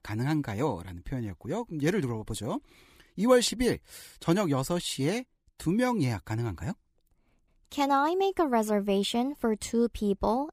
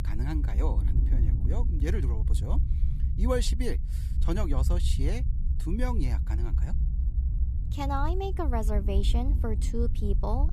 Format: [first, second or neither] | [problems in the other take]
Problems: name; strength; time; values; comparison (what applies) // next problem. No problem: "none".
first | low rumble; noticeable; throughout; 10 dB below the speech